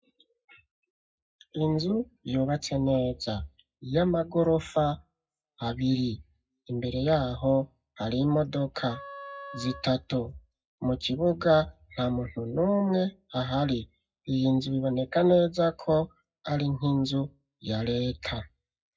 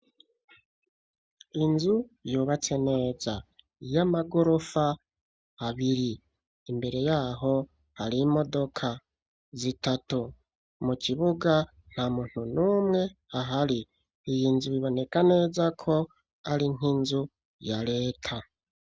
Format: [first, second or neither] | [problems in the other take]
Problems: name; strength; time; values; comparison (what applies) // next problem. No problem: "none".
second | noise reduction (classical method WPE with log-MMSE)